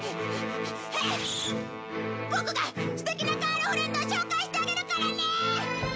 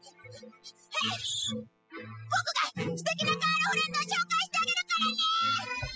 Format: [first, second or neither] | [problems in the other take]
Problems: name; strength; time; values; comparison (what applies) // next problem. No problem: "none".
first | noise reduction (classical method spectral subtraction)